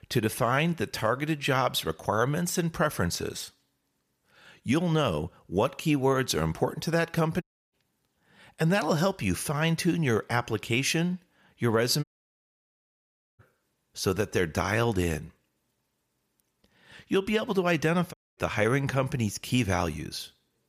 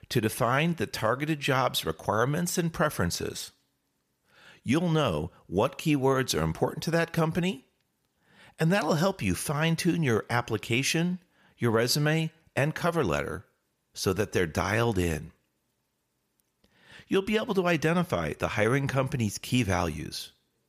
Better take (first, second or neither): second